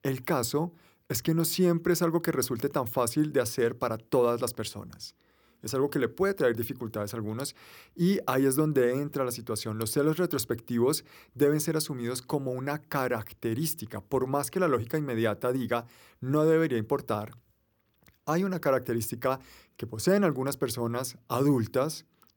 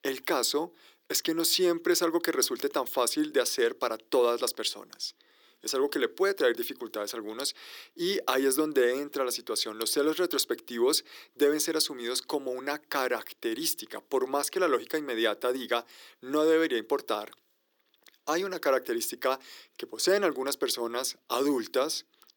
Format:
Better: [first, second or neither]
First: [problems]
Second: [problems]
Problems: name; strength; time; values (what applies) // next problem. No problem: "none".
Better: first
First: none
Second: thin; somewhat; fading below 300 Hz